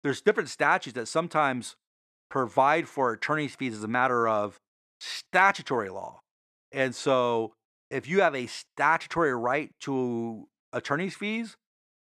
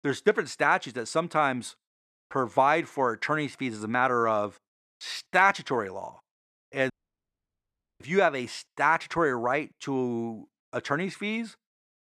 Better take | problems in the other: first | audio cutting out; at 7 s for 1 s

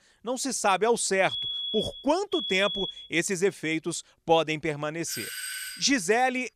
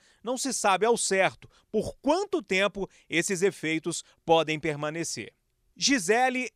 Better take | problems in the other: second | alarm; noticeable; from 1.5 to 3 s; peak 2 dB below the speech // doorbell; noticeable; at 5 s; peak 6 dB below the speech

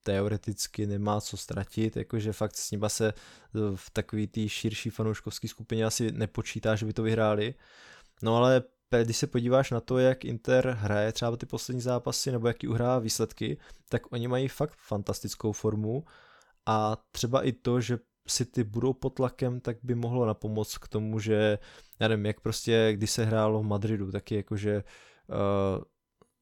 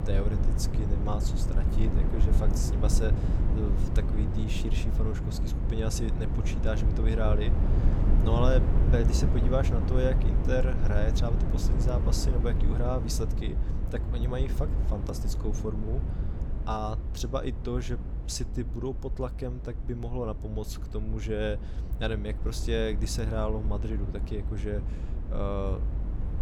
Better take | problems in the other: first | low rumble; loud; throughout; 6 dB below the speech

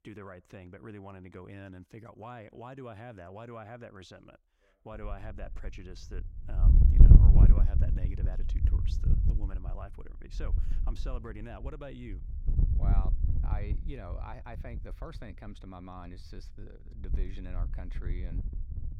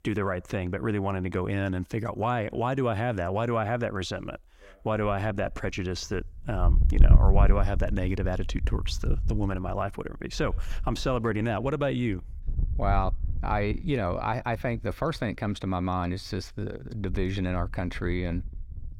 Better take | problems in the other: second | wind noise on the microphone; heavy; from 5 s on; 4 dB above the speech; occasional gusts in the second

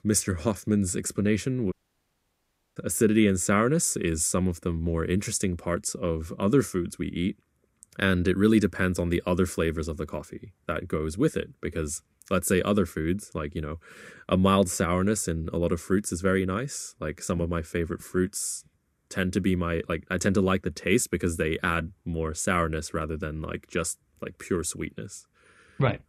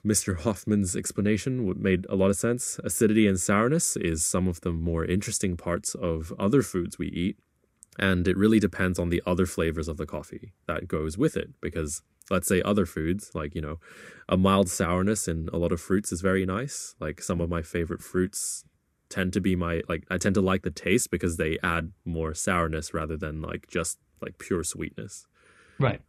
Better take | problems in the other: second | audio cutting out; at 1.5 s for 1 s

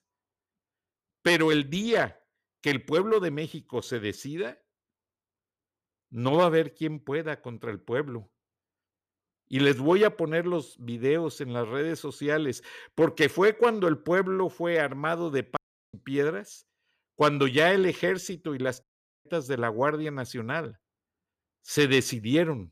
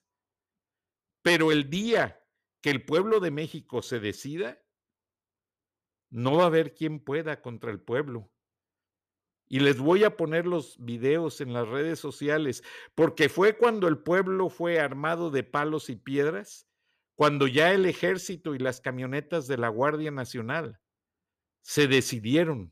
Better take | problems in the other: second | audio cutting out; at 16 s and at 19 s

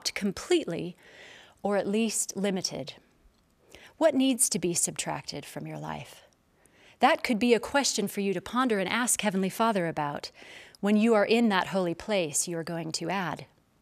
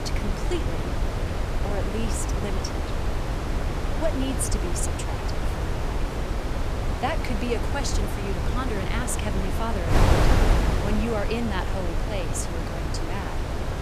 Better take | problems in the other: first | wind noise on the microphone; heavy; 1 dB above the speech

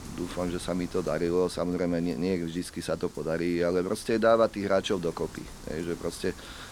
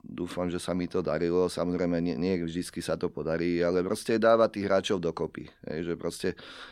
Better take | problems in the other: second | wind noise on the microphone; occasional gusts; 20 dB below the speech

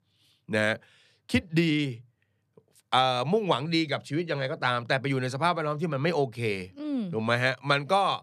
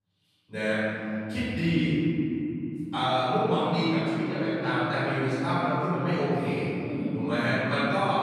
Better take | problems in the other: first | off-mic speech; far // room echo; strong; dies away in 3 s

